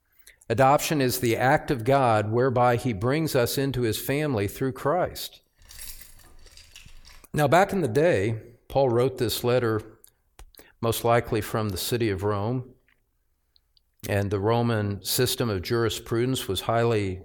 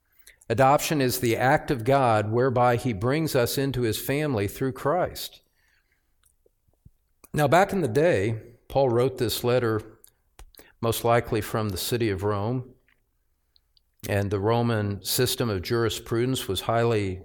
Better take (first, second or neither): second